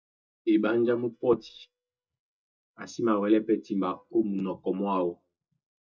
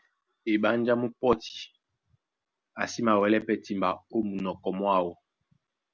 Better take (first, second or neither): second